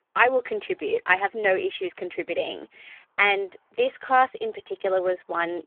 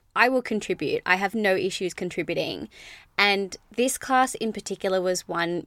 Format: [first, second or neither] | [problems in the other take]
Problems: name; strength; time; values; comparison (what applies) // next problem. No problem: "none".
second | phone-call audio; poor line; nothing above 3.5 kHz